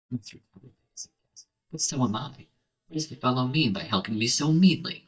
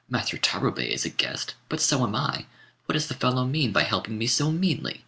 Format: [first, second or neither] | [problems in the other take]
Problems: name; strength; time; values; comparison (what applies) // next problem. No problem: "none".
second | noise reduction (neural mask model DeepFilterNet 3)